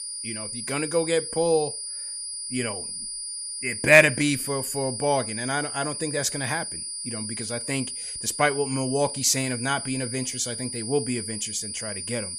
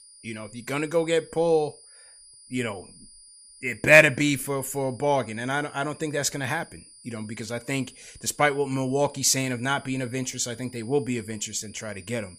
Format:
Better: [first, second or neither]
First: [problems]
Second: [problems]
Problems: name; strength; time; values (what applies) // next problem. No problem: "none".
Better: second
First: high-pitched whine; loud; throughout; 9.5 kHz, 6 dB below the speech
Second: high-pitched whine; faint; throughout; 9.5 kHz, 25 dB below the speech